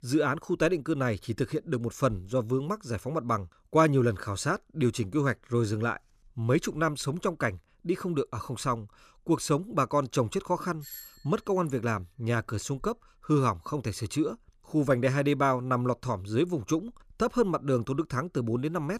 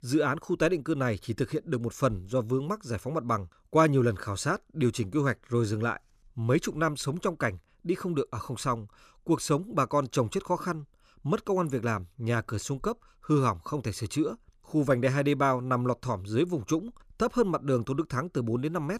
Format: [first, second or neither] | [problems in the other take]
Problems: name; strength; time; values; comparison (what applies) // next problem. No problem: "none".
second | doorbell; faint; at 11 s; peak 15 dB below the speech